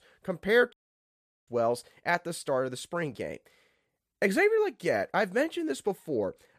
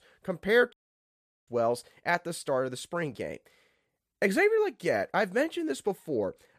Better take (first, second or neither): neither